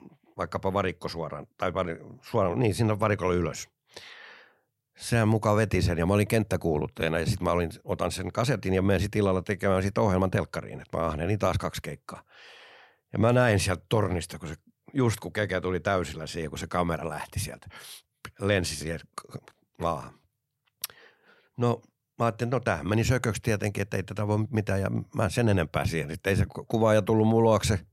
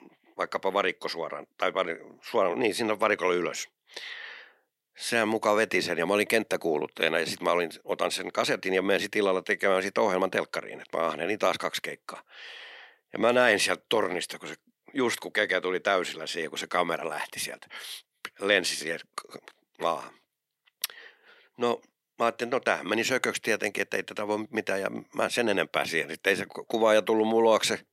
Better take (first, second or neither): first